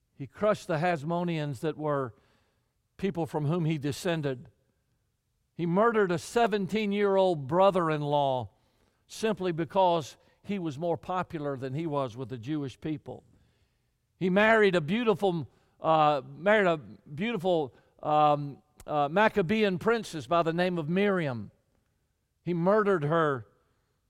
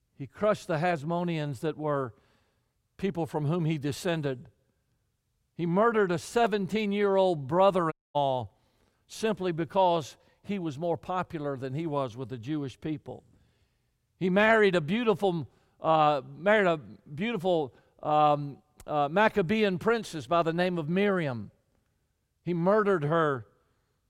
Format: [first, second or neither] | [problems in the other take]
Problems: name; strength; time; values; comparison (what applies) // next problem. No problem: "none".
first | audio cutting out; at 8 s